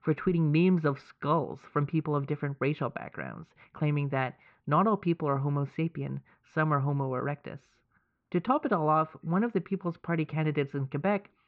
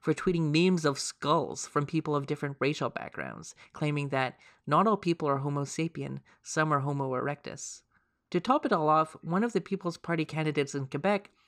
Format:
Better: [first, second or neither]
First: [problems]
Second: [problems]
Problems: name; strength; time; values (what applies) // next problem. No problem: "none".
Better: second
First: muffled; very; fading above 3 kHz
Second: none